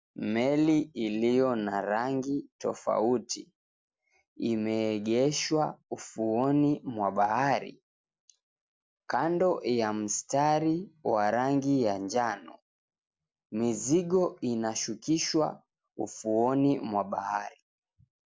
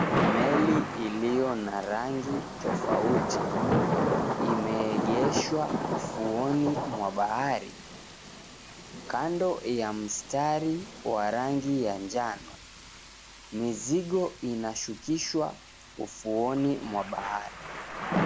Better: first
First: none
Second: background sound (Thunder / Rain); 2 dB below the speech

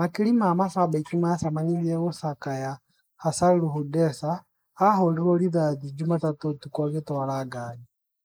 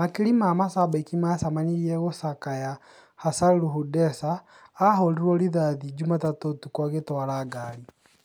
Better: second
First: noise reduction (neural mask model Resemble Enhance denoiser)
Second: none

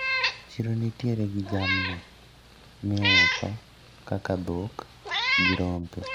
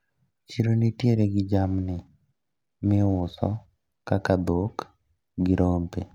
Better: second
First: background sound (Meow); 1 dB above the speech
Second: none

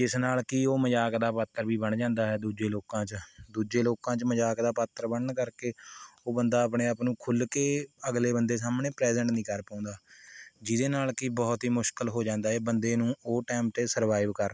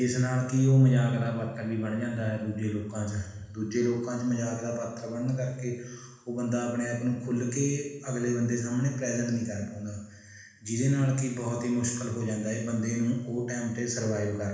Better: first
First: none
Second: room echo; dies away in 1.1 s

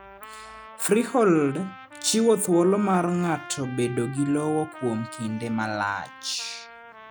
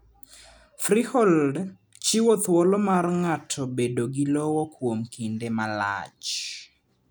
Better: second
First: background sound (Trumpet); 17 dB below the speech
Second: none

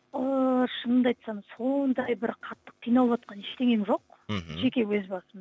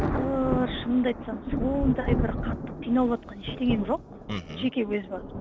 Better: first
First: none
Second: background sound (Thunder); 3 dB below the speech

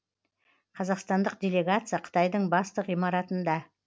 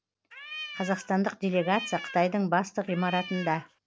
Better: first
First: none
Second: background sound (Cat); 12 dB below the speech

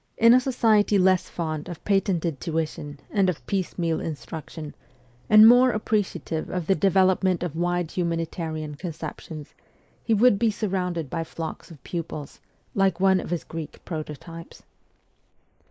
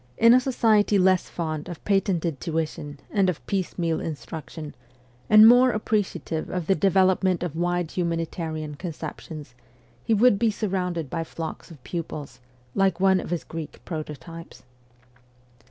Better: second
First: noise reduction (neural mask model Resemble Enhance denoiser)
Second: none

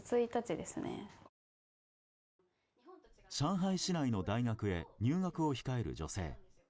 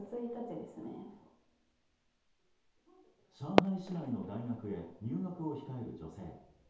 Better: first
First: none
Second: background sound (Fireworks); as loud as the speech // room echo; dies away in 0.8 s

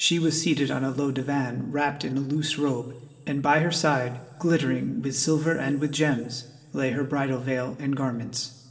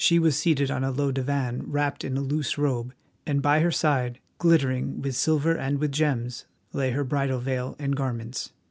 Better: second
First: room echo; dies away in 2.6 s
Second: none

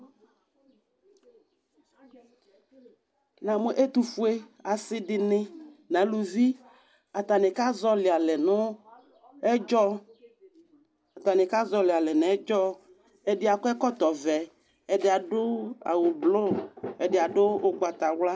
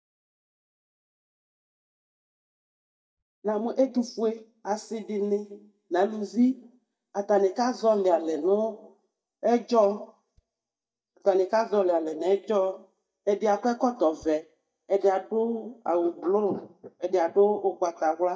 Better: first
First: none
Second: noise reduction (neural mask model DeepFilterNet 3)

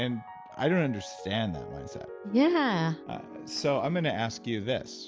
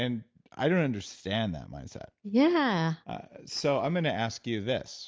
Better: second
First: background sound (Piano); 15 dB below the speech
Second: none

